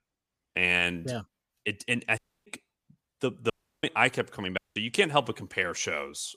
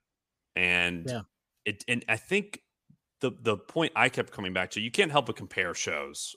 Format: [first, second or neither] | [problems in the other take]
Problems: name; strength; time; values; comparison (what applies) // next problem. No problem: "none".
second | audio cutting out; at 2 s, at 3.5 s and at 4.5 s